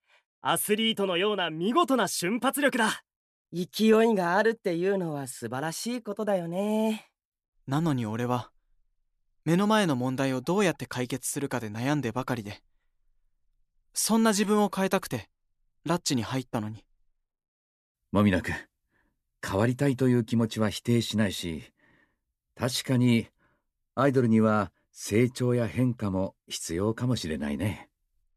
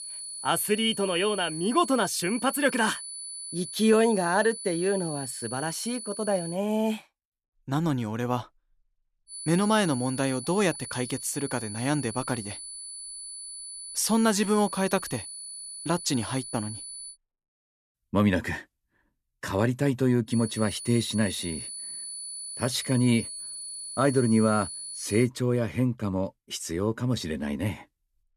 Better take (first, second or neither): first